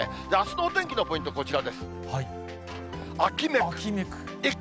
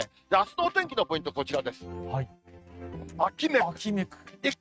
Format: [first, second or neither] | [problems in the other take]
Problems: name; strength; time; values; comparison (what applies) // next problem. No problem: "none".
first | noise reduction (neural mask model RNNoise)